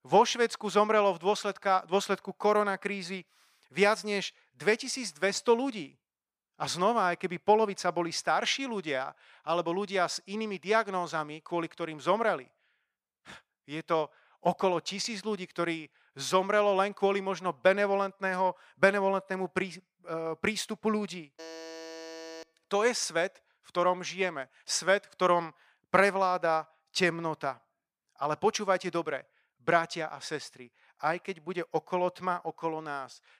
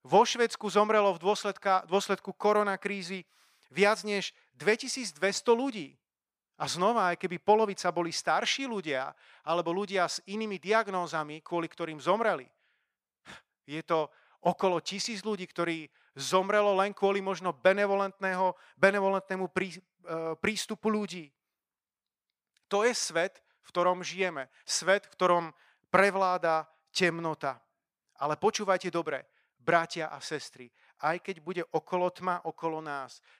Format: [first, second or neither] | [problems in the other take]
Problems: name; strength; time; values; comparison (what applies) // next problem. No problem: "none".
second | alarm; faint; from 21 to 22 s; peak 15 dB below the speech